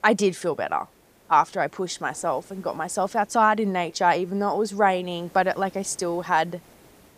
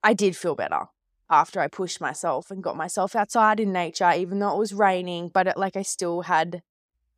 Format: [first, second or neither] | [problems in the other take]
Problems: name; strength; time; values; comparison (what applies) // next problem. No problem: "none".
second | hiss; faint; throughout; 30 dB below the speech